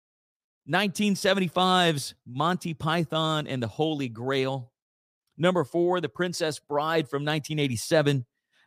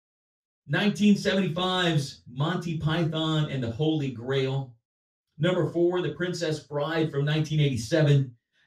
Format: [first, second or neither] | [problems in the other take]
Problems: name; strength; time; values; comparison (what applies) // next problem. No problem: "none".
first | room echo; slight; dies away in 0.2 s // off-mic speech; far